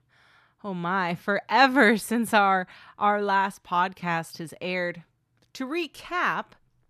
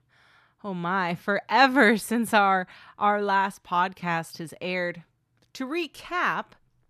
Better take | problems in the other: neither | none

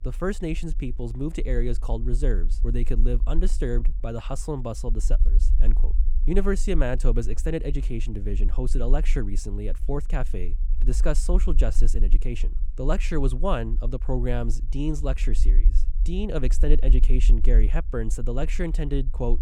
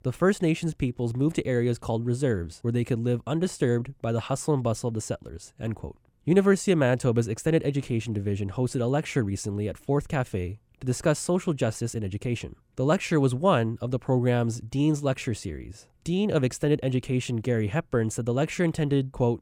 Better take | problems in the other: second | low rumble; noticeable; throughout; 20 dB below the speech

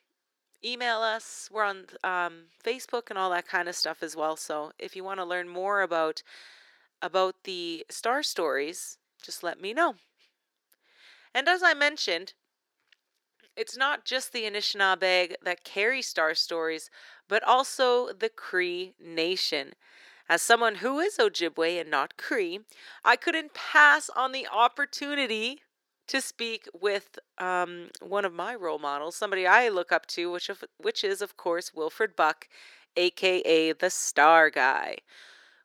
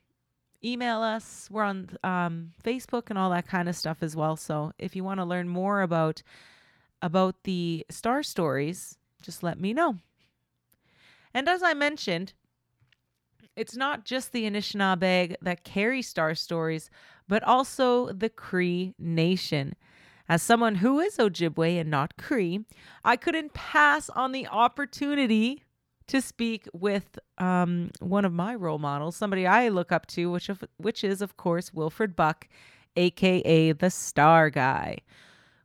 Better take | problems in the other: second | thin; very; fading below 350 Hz

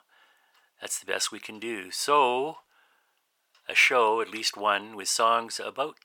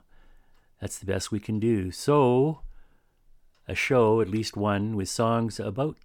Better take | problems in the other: second | thin; very; fading below 800 Hz

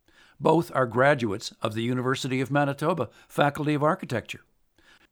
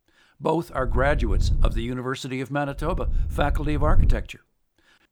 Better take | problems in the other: first | wind noise on the microphone; occasional gusts; at 1 s and from 3 to 4 s; 15 dB below the speech

